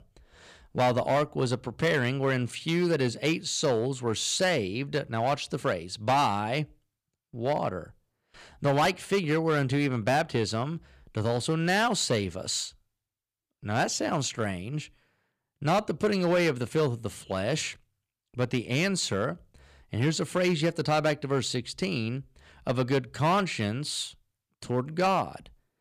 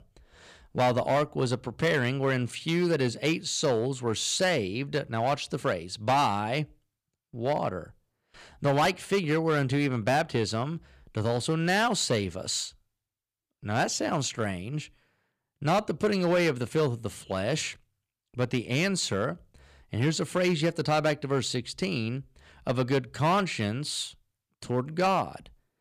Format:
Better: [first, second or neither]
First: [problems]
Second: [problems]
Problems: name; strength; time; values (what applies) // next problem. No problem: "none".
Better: neither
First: distortion; slight; 5% of the sound clipped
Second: distortion; slight; 5% of the sound clipped